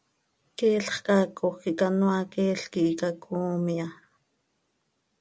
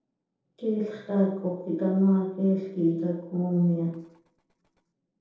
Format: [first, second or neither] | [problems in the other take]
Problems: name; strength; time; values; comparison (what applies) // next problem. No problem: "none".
first | noise reduction (neural separator model SepFormer DNS4)